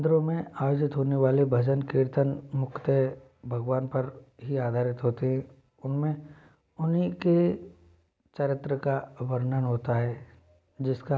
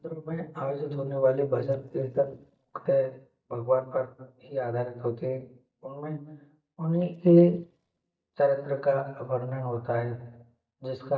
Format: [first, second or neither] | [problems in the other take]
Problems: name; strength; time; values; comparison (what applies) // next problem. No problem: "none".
first | noise reduction (neural mask model DeepFilterNet 3)